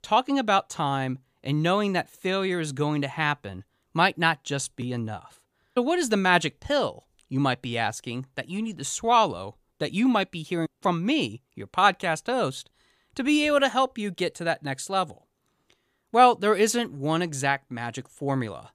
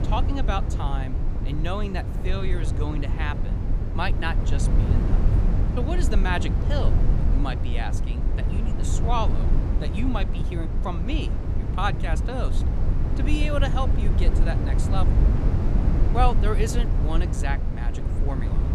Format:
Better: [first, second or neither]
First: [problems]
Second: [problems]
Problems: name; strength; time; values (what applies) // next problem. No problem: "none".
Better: first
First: none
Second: low rumble; loud; throughout; 6 dB below the speech